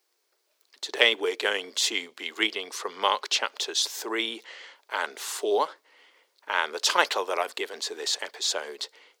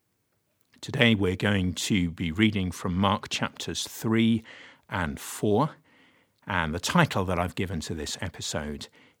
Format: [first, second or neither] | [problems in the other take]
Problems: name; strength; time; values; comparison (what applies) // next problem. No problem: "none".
second | thin; very; fading below 400 Hz